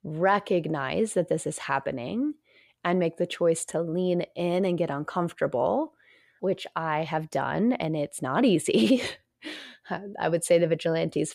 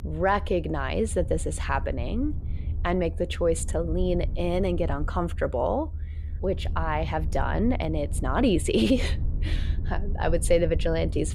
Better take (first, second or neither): first